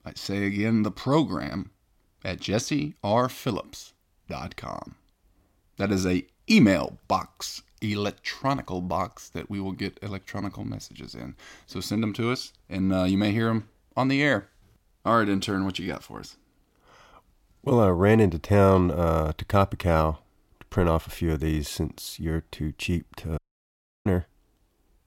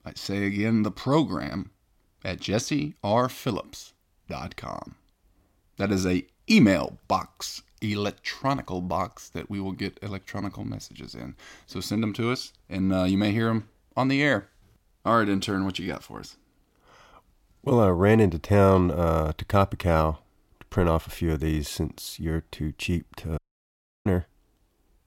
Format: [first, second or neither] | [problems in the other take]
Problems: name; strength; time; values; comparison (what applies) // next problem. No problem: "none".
neither | audio cutting out; at 23 s for 0.5 s; the same in both